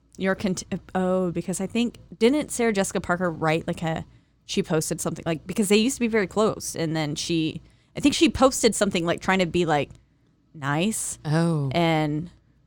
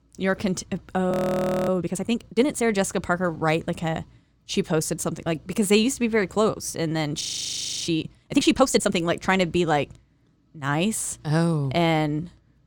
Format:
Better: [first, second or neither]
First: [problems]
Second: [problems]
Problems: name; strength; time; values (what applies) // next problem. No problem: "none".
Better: first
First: none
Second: audio freezing; at 1 s for 0.5 s and at 7 s for 0.5 s